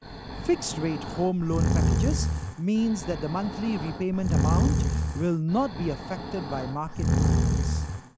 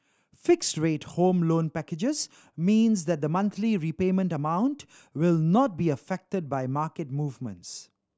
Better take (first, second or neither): second